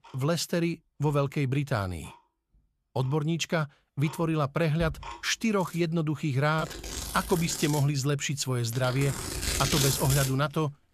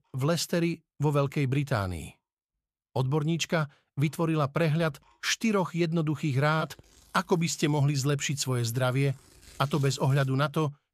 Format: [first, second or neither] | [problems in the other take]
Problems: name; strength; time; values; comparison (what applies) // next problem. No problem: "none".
second | household noises; loud; throughout; 4 dB below the speech; faint in the second